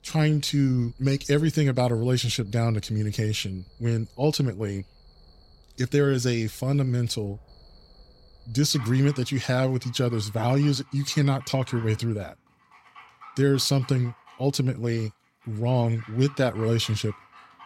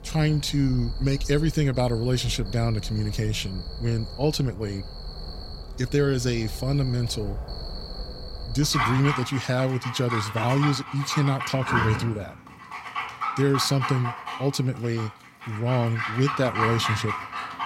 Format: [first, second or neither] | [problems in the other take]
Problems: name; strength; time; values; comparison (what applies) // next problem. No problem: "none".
first | animal sounds; loud; throughout; 7 dB below the speech; faint in the first